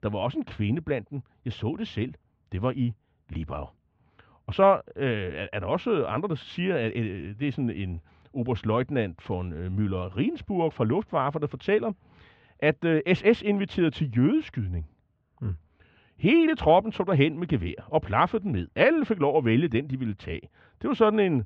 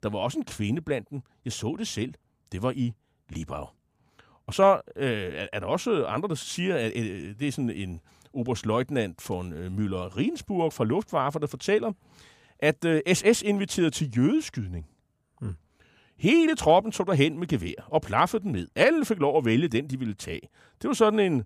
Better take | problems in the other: second | muffled; very; fading above 3 kHz

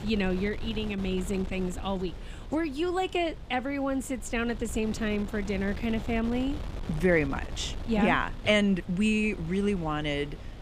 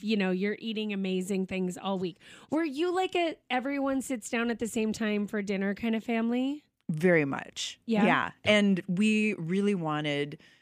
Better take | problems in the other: second | wind noise on the microphone; occasional gusts; 15 dB below the speech

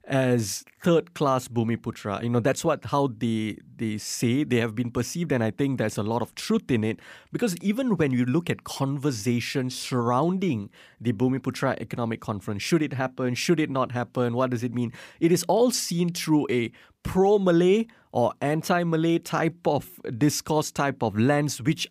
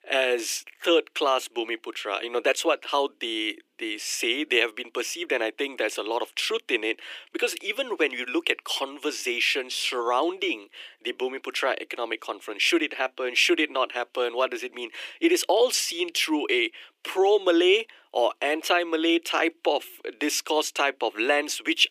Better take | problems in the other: first | thin; very; fading below 300 Hz

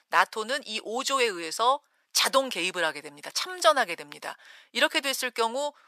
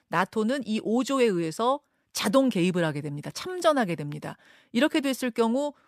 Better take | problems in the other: second | thin; very; fading below 800 Hz

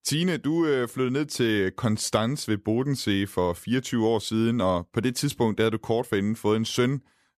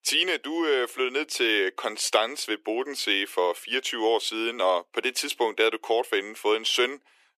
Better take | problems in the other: first | thin; very; fading below 350 Hz

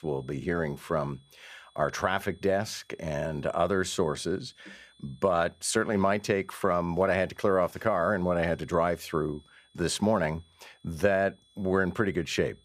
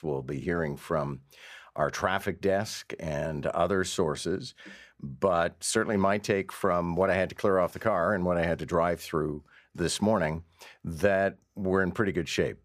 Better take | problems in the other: second | high-pitched whine; faint; throughout; 3.5 kHz, 30 dB below the speech

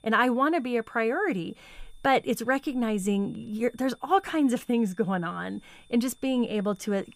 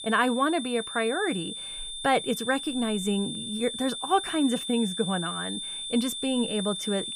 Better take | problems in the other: first | high-pitched whine; loud; throughout; 3.5 kHz, 5 dB below the speech; faint in the first

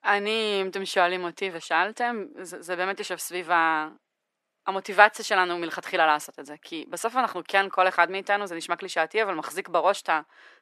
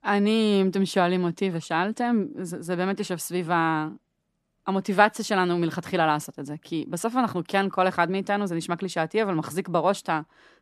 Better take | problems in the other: second | thin; very; fading below 500 Hz

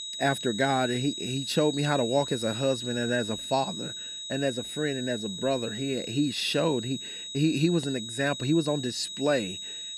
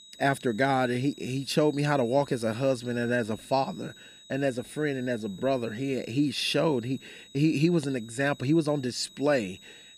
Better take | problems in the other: second | high-pitched whine; loud; throughout; 4 kHz, 7 dB below the speech; faint in the second

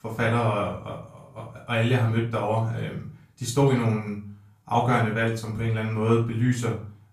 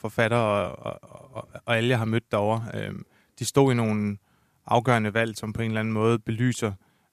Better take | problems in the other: second | off-mic speech; far // room echo; slight; dies away in 0.4 s

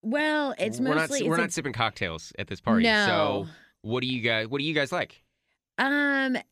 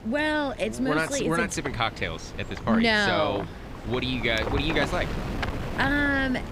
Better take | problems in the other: first | wind noise on the microphone; occasional gusts; 10 dB below the speech

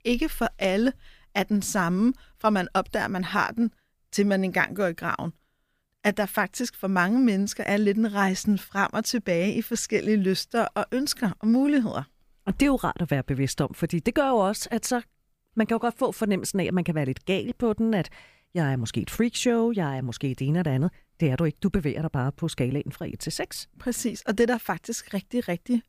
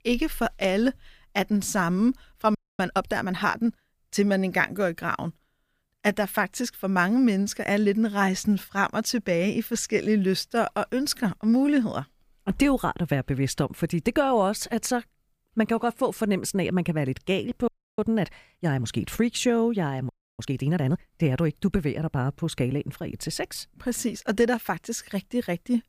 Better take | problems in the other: first | audio freezing; at 2.5 s, at 18 s and at 20 s

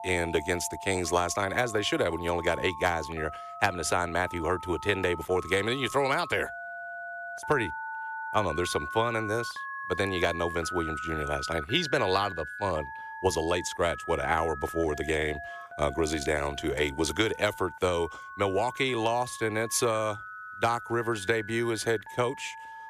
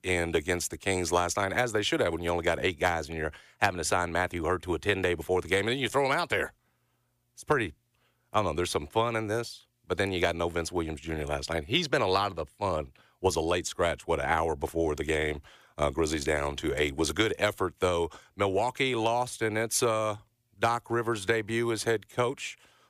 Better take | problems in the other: second | alarms or sirens; noticeable; throughout; 10 dB below the speech

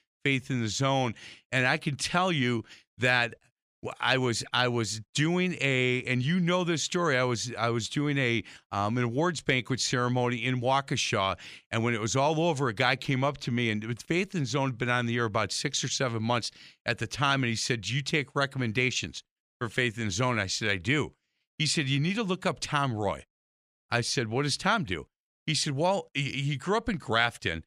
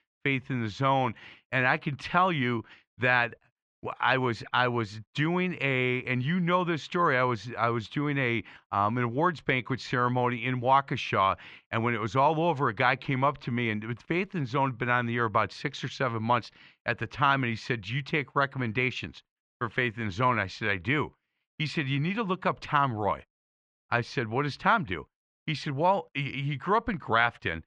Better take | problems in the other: first | muffled; very; fading above 2.5 kHz

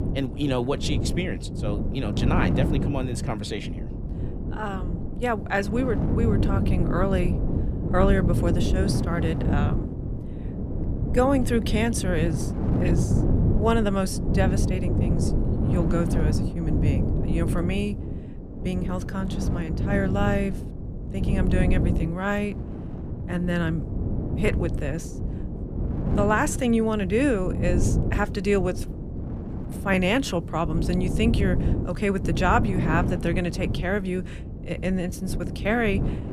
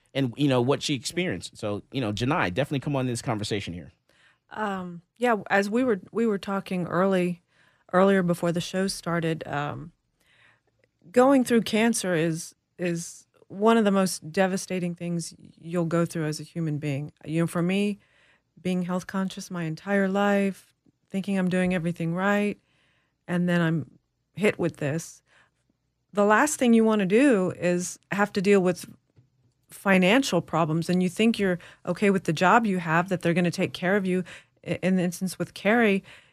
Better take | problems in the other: second | wind noise on the microphone; heavy; 7 dB below the speech

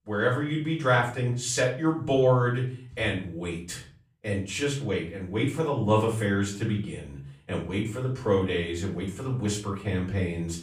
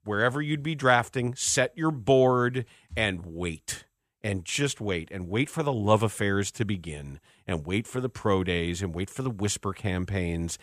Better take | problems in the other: second | room echo; slight; dies away in 0.4 s // off-mic speech; far

